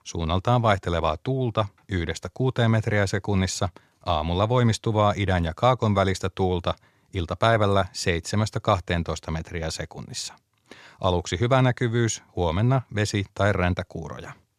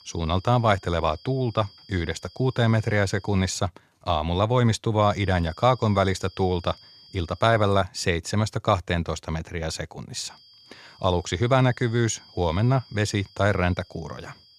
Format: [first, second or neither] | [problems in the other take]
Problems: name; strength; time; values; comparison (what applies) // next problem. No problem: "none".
first | high-pitched whine; faint; until 3.5 s, from 5 to 8 s and from 10 s on; 4.5 kHz, 25 dB below the speech